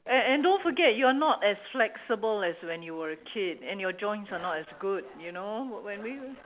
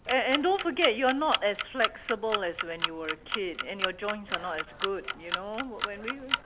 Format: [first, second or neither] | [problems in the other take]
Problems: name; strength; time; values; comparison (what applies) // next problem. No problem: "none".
first | background sound (Clock); 4 dB below the speech